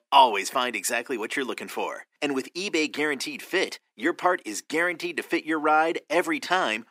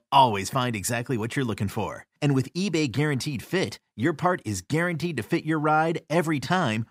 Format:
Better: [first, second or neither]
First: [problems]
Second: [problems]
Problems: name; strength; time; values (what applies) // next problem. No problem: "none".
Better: second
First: thin; somewhat; fading below 300 Hz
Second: none